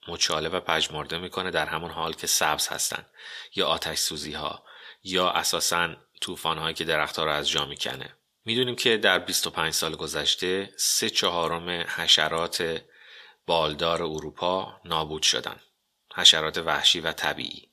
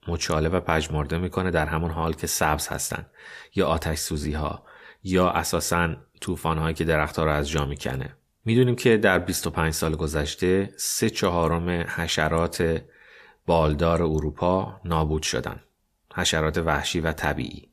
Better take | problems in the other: second | thin; somewhat; fading below 650 Hz

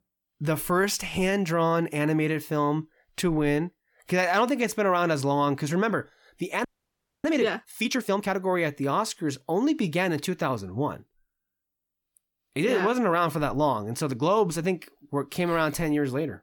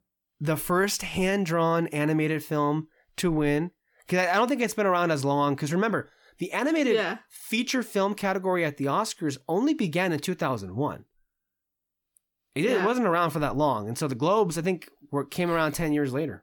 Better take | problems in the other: second | audio freezing; at 6.5 s for 0.5 s

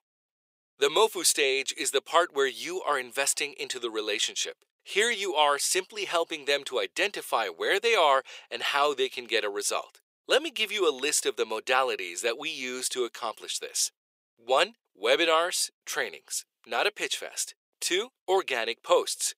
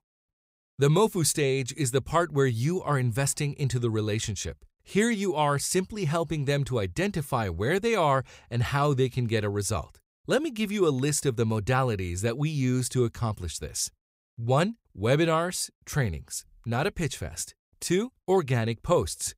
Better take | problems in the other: second | thin; very; fading below 400 Hz

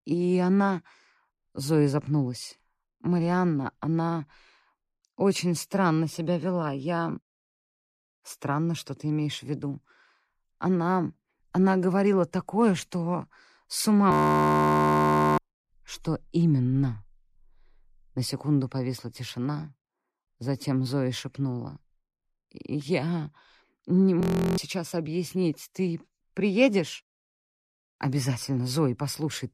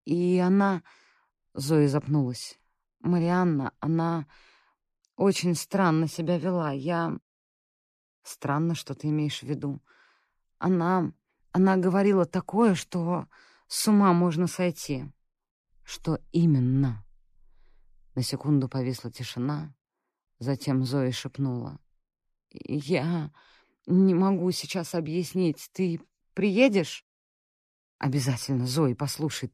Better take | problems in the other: second | audio freezing; at 14 s for 1.5 s and at 24 s

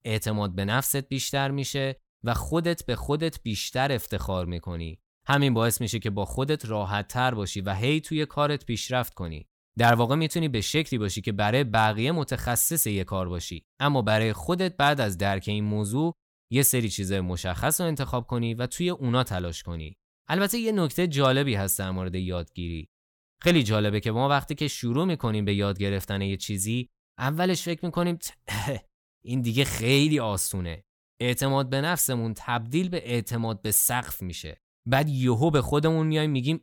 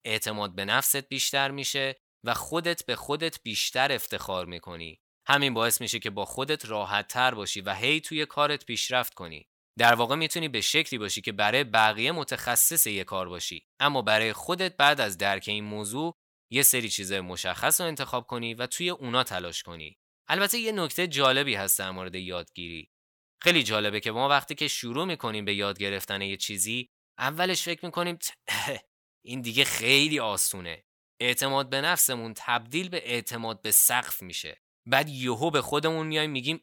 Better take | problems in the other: first | thin; somewhat; fading below 700 Hz

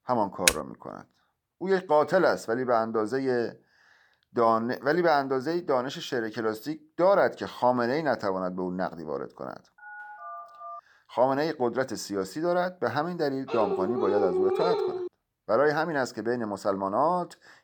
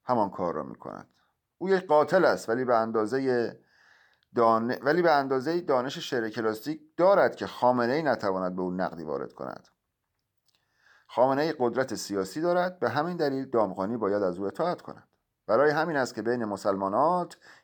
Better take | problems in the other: second | keyboard typing; very faint; at 0.5 s; peak 3 dB above the speech // phone ringing; faint; from 10 to 11 s; peak 15 dB below the speech // dog barking; loud; from 13 to 15 s; peak 1 dB above the speech

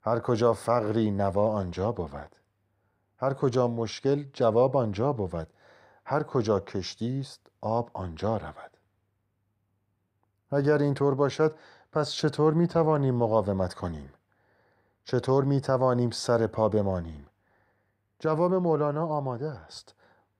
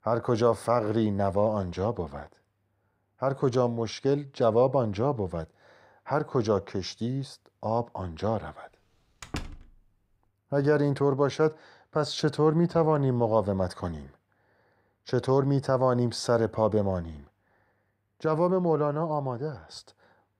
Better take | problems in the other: first | door banging; faint; at 9 s; peak 10 dB below the speech

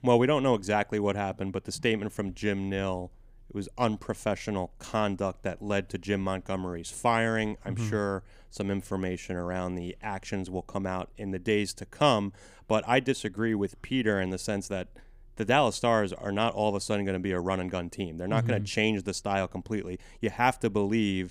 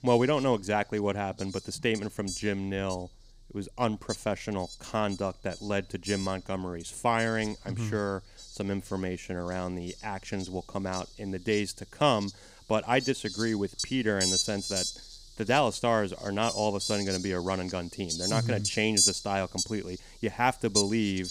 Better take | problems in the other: first | animal sounds; loud; throughout; 2 dB below the speech

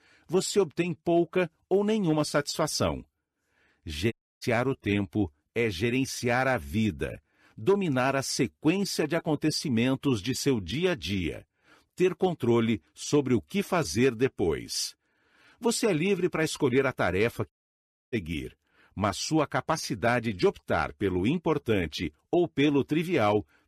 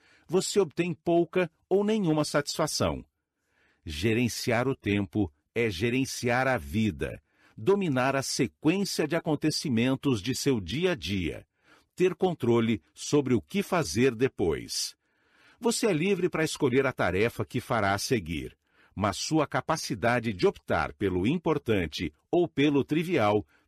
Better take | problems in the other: second | audio cutting out; at 4 s and at 18 s for 0.5 s

